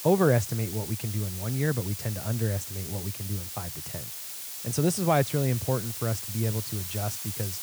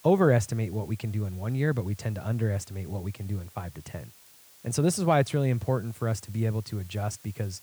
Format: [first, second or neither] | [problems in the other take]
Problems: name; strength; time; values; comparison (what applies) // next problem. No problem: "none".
second | hiss; loud; throughout; 6 dB below the speech; faint in the second